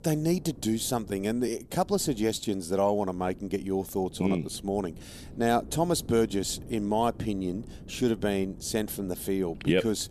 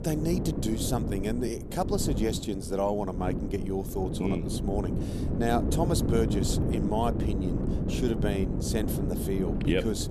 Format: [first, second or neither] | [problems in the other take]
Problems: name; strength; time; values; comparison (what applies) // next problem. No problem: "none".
first | wind noise on the microphone; heavy; 5 dB below the speech; occasional gusts in the first